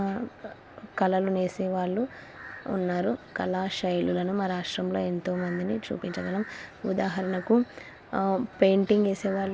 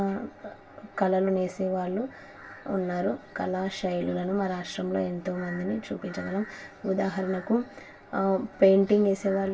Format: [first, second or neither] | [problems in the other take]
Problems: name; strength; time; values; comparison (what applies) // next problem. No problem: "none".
first | room echo; dies away in 0.2 s